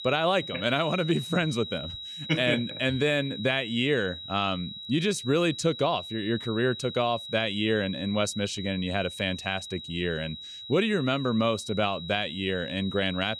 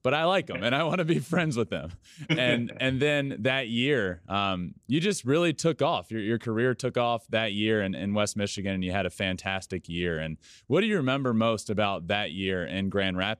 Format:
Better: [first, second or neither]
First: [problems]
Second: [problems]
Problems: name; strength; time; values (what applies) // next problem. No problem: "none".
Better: second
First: high-pitched whine; loud; throughout; 4 kHz, 10 dB below the speech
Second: none